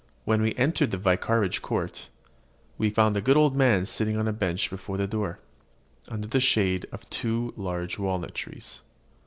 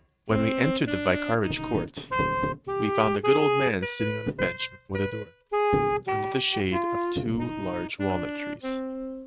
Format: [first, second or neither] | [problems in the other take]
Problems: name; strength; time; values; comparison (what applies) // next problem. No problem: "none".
first | noise reduction (neural mask model RNNoise)